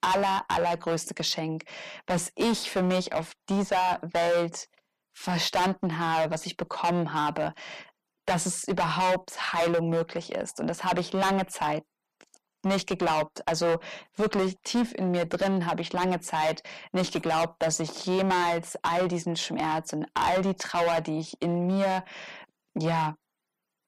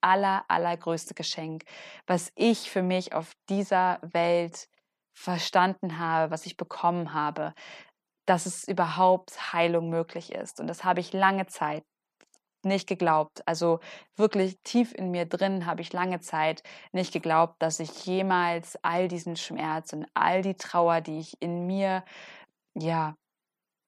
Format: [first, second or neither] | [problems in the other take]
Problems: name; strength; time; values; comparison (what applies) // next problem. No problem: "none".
second | distortion; heavy; 11% of the sound clipped